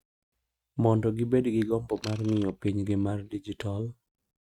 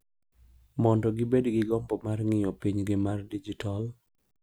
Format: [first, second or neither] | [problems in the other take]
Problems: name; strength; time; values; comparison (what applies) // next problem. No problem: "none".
second | noise reduction (neural mask model RNNoise)